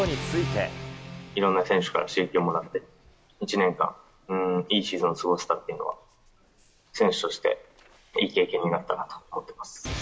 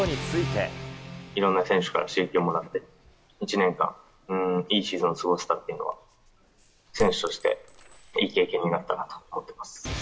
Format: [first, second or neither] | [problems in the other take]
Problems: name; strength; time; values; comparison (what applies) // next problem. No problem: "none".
first | background sound (Chink, clink); 11 dB below the speech